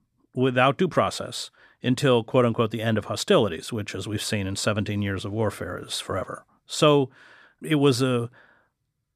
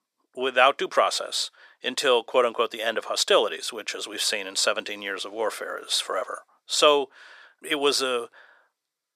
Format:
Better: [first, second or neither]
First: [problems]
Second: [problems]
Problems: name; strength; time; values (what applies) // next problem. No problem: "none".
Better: first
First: none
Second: thin; very; fading below 450 Hz